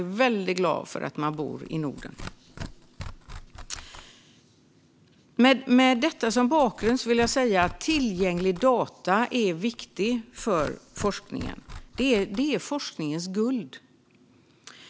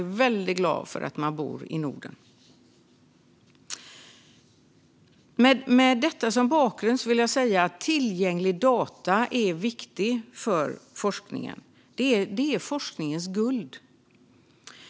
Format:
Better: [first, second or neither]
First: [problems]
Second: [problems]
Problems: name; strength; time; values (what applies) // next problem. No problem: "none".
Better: second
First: background sound (Tearing); 16 dB below the speech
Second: none